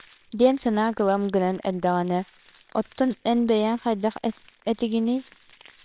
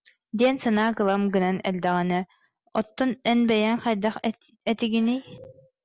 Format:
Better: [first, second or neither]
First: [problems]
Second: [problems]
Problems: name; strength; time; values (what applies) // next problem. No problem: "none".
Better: second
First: noise reduction (neural separator model SepFormer WHAMR!)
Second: none